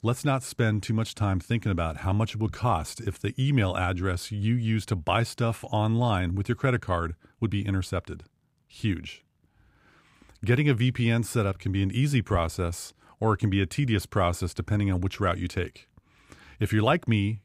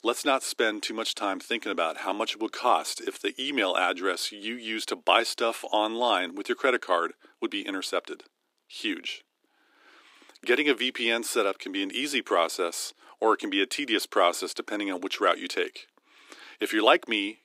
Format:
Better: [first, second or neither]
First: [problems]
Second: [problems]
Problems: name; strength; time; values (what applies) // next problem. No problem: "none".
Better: first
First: none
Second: thin; very; fading below 300 Hz